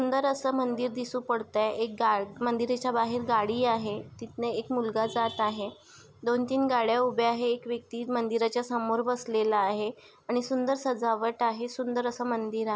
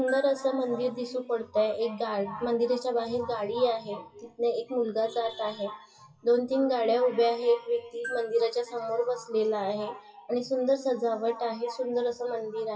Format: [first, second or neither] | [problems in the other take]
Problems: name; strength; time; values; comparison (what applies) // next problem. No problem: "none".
first | noise reduction (classical method WPE with log-MMSE)